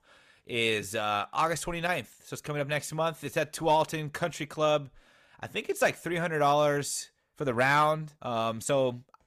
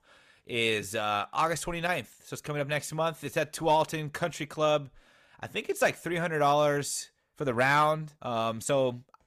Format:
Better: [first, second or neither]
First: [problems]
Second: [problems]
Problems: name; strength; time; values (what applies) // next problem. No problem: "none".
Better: neither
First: none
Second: none